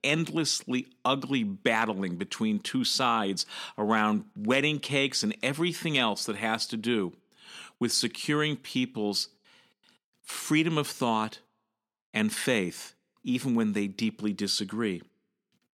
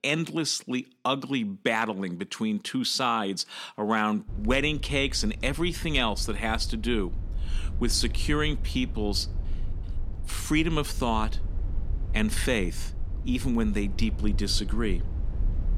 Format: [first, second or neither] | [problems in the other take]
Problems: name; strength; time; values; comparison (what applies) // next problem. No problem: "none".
first | low rumble; faint; from 4.5 s on; 20 dB below the speech